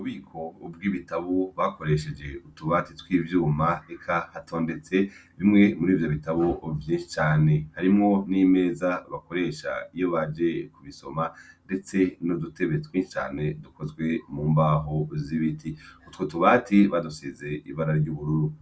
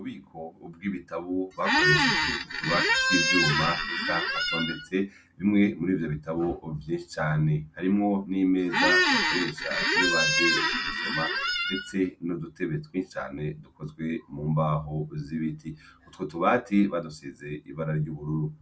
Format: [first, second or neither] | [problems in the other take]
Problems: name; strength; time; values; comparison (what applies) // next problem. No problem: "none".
first | background sound (Squeak); 4 dB above the speech